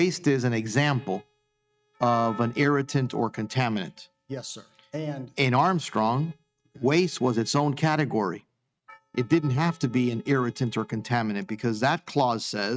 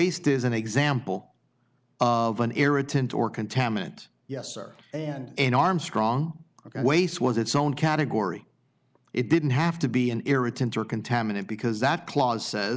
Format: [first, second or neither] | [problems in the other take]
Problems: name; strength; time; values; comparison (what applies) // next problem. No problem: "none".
second | noise reduction (neural mask model RNNoise)